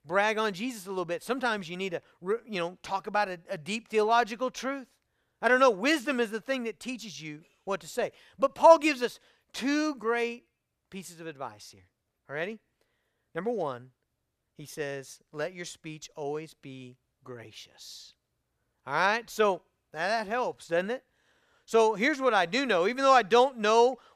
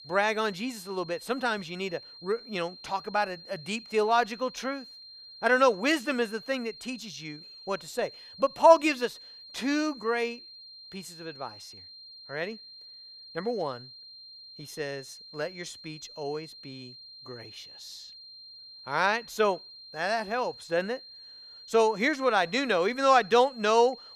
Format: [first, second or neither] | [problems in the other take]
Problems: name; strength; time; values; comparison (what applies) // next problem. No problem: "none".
first | high-pitched whine; noticeable; throughout; 4 kHz, 20 dB below the speech